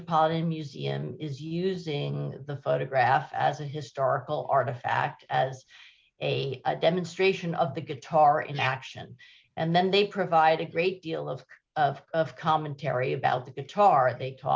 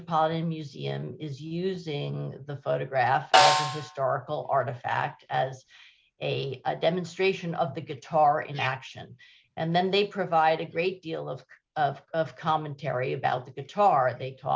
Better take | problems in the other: first | background sound (Snare drum); 1 dB above the speech

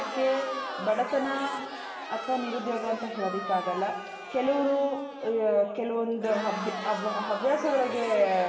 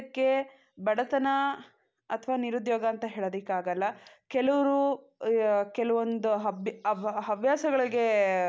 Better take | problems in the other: second | background sound (Crowd); 9 dB below the speech // room echo; dies away in 1.7 s

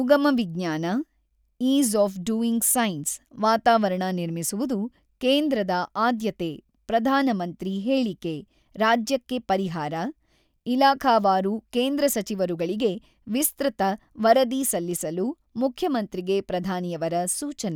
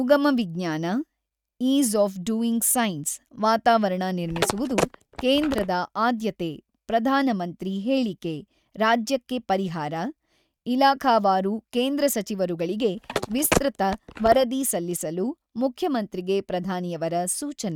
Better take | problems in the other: first | noise reduction (neural mask model RNNoise)

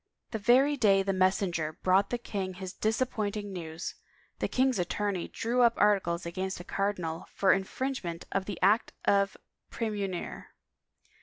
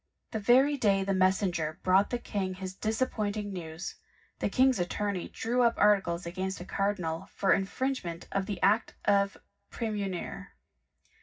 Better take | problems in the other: first | room echo; dies away in 0.4 s

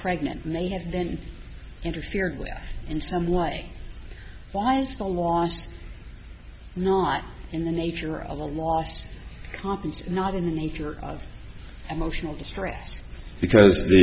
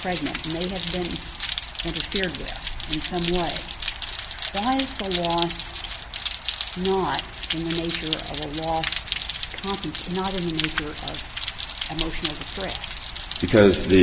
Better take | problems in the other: first | background sound (Rain); 6 dB below the speech

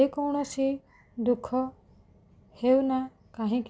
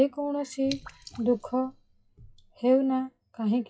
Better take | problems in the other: first | noise reduction (classical method WPE with log-MMSE)

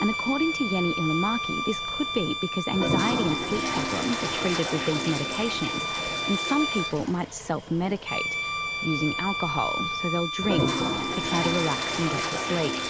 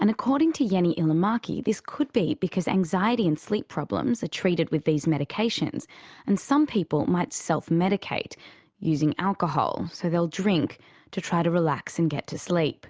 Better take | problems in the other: second | background sound (Bowed string instrument + Toilet flush); as loud as the speech

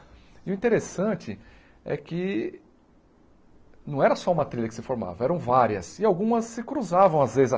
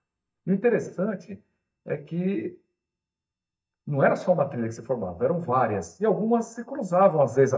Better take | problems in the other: first | noise reduction (neural mask model DeepFilterNet 3)

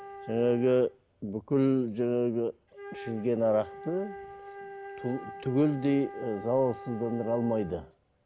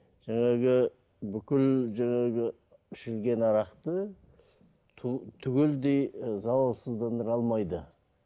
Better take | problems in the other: second | background sound (Wind instrument, woodwind instrument); 16 dB below the speech

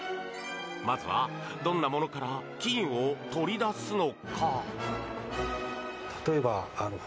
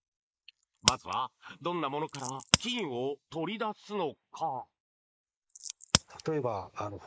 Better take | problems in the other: first | noise reduction (neural mask model Resemble Enhance denoiser)

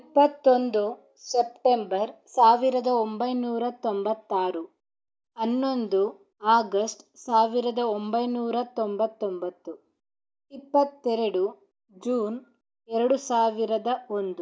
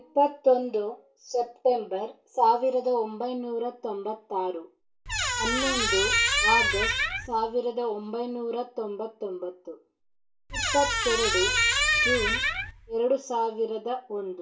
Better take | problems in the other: first | background sound (Squeak); 3 dB above the speech // room echo; dies away in 0.2 s

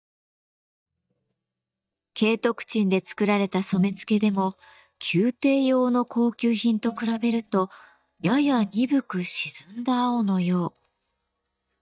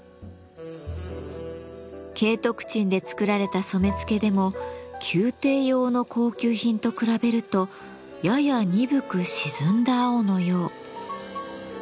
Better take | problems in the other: second | noise reduction (neural mask model DeepFilterNet 3)

